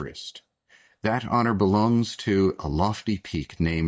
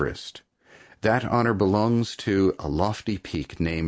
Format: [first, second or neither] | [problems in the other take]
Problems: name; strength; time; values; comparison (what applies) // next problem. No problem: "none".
second | noise reduction (neural mask model DeepFilterNet 3)